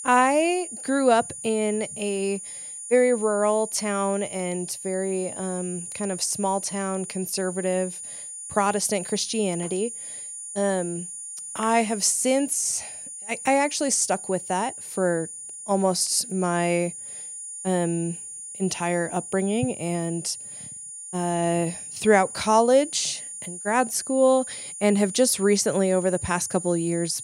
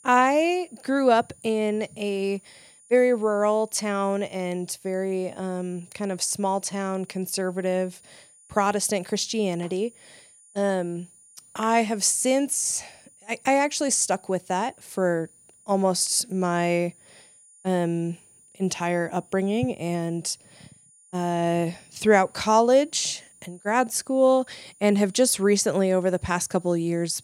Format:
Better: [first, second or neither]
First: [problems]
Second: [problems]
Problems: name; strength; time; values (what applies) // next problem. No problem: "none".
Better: second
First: high-pitched whine; loud; throughout; 9.5 kHz, 10 dB below the speech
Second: high-pitched whine; faint; throughout; 9.5 kHz, 25 dB below the speech